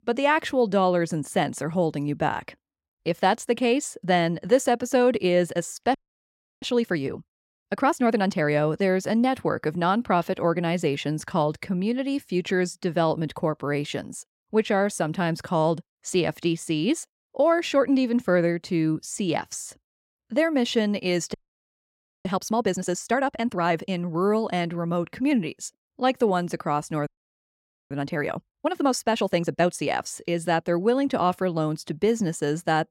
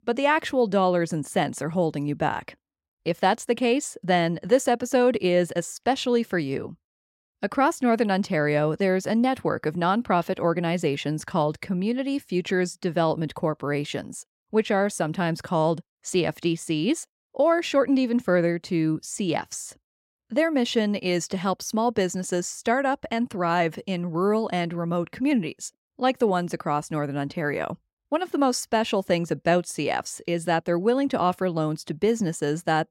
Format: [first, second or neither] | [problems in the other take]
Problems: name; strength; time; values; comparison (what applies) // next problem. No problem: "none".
second | audio freezing; at 6 s for 0.5 s, at 21 s for 1 s and at 27 s for 1 s